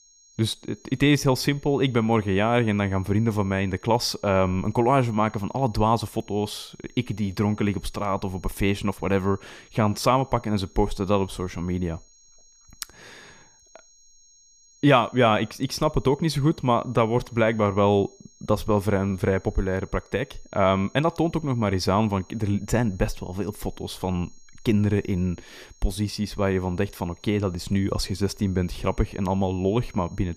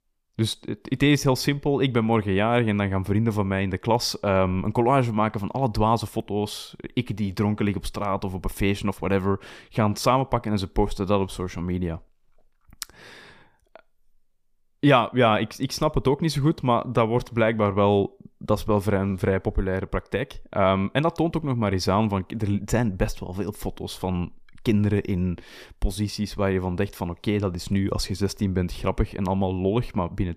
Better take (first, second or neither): second